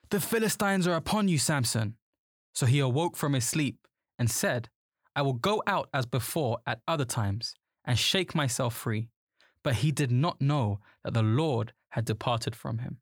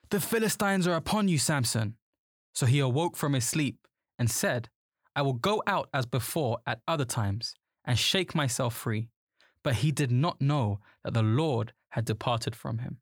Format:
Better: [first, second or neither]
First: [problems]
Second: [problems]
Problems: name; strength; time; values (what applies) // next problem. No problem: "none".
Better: neither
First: none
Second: none